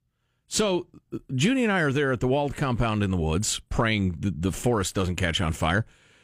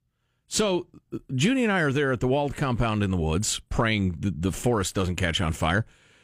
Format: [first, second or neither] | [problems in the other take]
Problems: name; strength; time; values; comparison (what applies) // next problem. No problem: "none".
neither | none